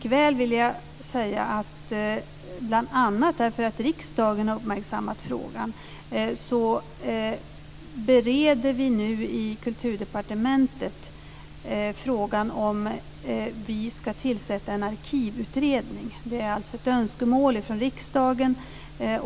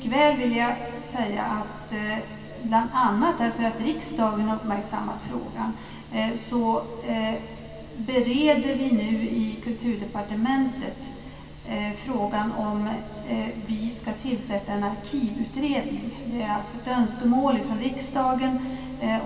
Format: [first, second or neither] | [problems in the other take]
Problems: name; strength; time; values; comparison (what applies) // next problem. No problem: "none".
first | room echo; dies away in 2.4 s